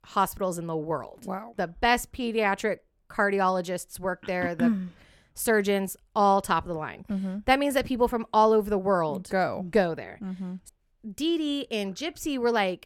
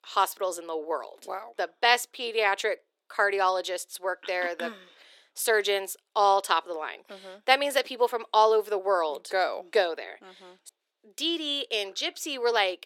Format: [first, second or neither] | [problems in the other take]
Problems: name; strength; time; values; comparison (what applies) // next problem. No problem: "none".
first | thin; very; fading below 350 Hz